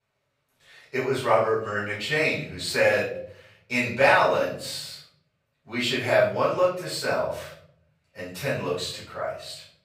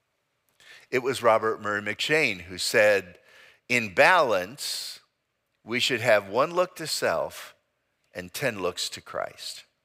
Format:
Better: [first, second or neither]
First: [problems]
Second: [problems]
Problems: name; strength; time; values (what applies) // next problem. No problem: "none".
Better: second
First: room echo; noticeable; dies away in 0.9 s // off-mic speech; far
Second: none